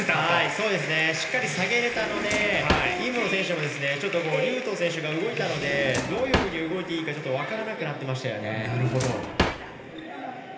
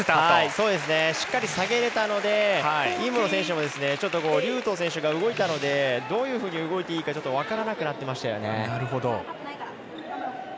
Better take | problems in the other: second | background sound (Drawer open or close); 4 dB below the speech // room echo; dies away in 1.4 s

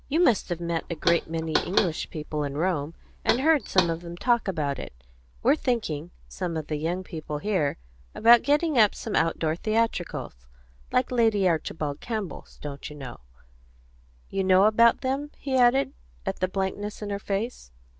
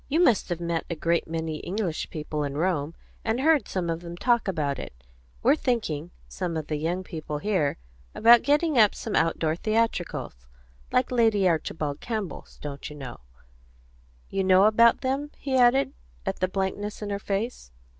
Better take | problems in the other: second | background sound (Knock); 6 dB below the speech

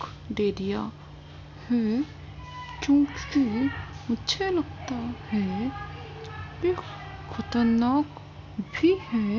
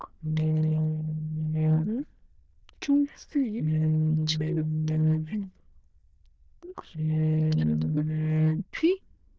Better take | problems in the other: first | noise reduction (neural diffusion model UNIVERSE++)

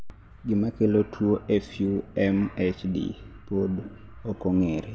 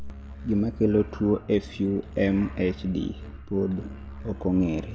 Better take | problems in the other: first | background sound (Musical instrument); 15 dB below the speech

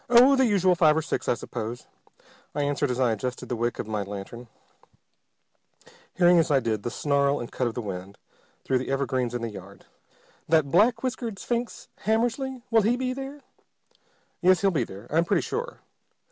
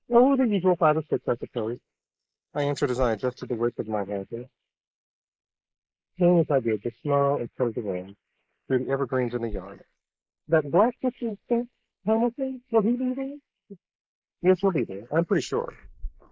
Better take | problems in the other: first | noise reduction (neural mask model Resemble Enhance denoiser)

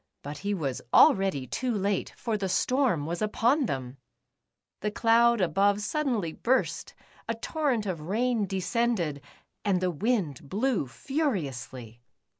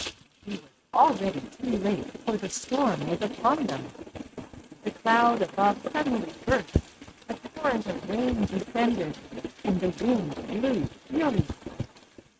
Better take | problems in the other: first | noise reduction (neural mask model RNNoise)

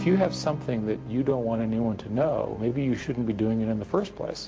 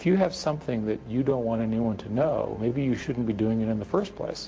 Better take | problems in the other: second | background sound (Acoustic guitar); 14 dB below the speech

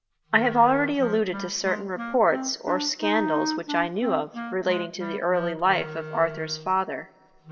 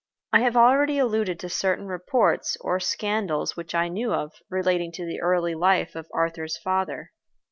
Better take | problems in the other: second | background sound (Wind instrument, woodwind instrument); 9 dB below the speech // room echo; dies away in 1.1 s

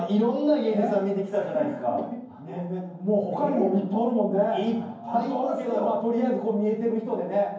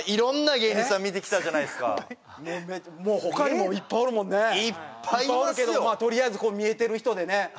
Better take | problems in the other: second | room echo; dies away in 0.9 s

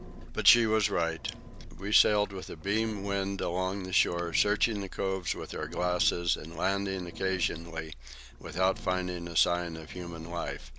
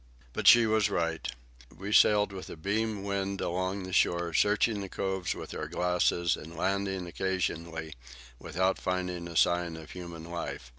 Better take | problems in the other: second | background sound (Engine); 13 dB below the speech

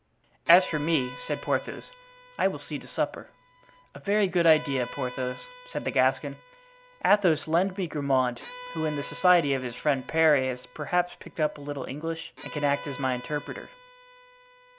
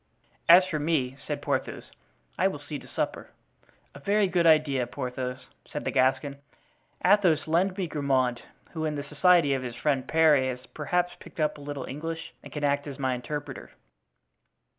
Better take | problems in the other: second | background sound (Bowed string instrument); 18 dB below the speech

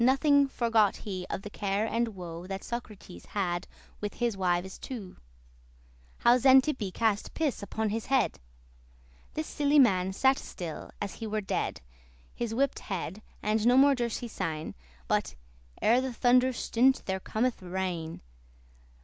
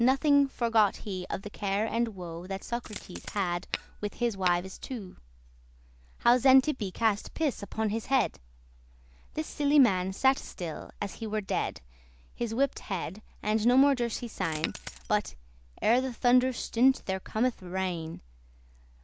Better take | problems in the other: first | background sound (Tap / Glass + Coin (dropping)); 12 dB below the speech

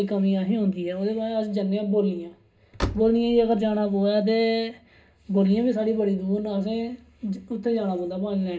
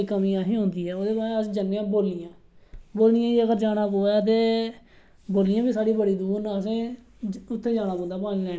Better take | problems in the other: second | background sound (Slam); 9 dB below the speech // room echo; dies away in 0.2 s

